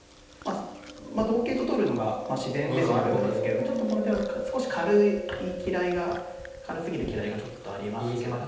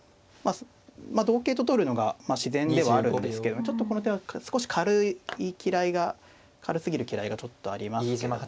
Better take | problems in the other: second | background sound (Chewing, mastication); 7 dB below the speech // room echo; dies away in 0.9 s

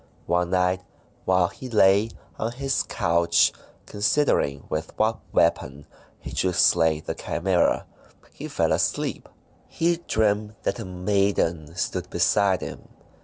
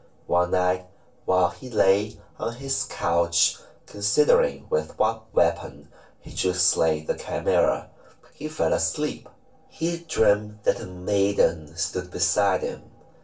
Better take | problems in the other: first | room echo; dies away in 0.2 s

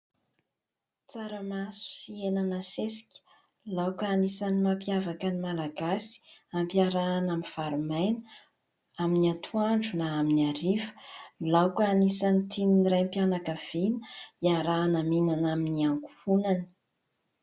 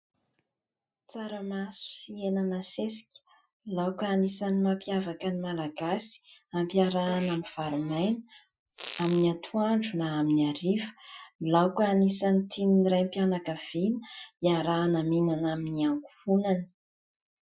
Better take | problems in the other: first | noise reduction (classical method Wiener filter)

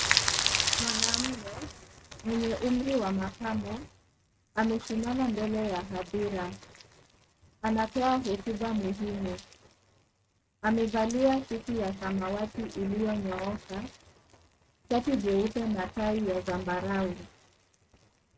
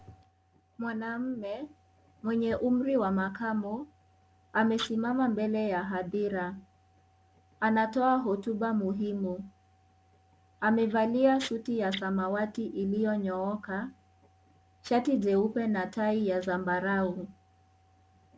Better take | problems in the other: second | noise reduction (neural mask model RNNoise)

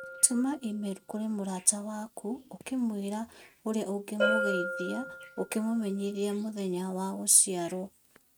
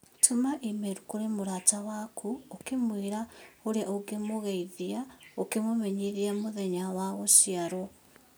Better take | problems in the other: second | noise reduction (neural mask model RNNoise)

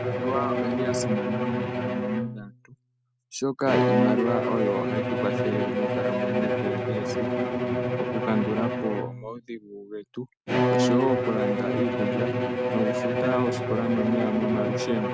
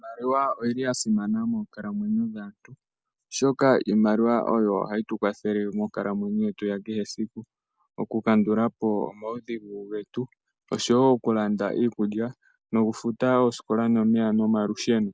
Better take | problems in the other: second | background sound (Bowed string instrument); 3 dB above the speech

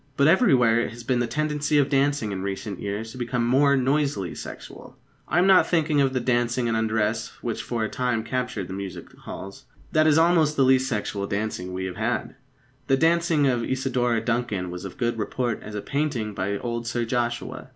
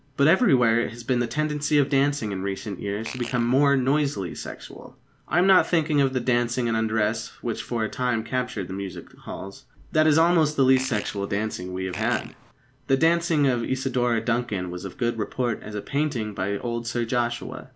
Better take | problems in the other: first | background sound (Fart); 14 dB below the speech

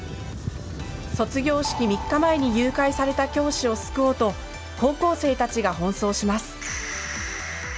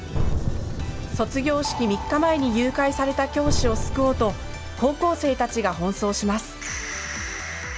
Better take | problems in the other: first | background sound (Drum); 5 dB below the speech

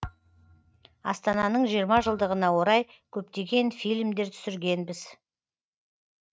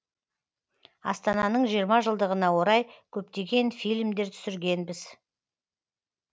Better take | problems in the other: second | noise reduction (neural mask model RNNoise)

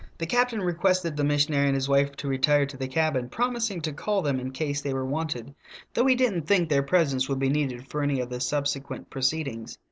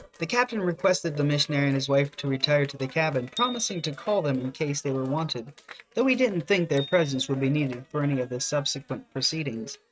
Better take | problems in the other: first | noise reduction (neural mask model RNNoise)

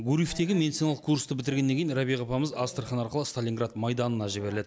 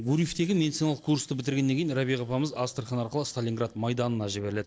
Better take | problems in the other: first | noise reduction (neural separator model SepFormer DNS4)

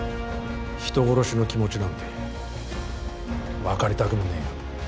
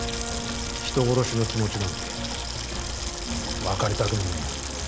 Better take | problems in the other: first | background sound (Sink (filling or washing) / Water tap, faucet); 6 dB below the speech

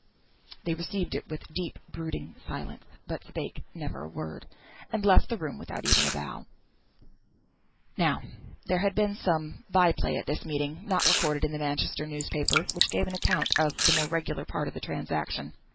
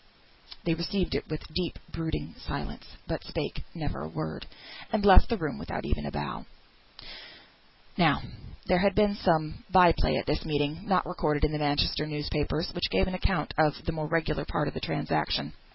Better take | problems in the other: second | noise reduction (neural mask model Resemble Enhance denoiser)

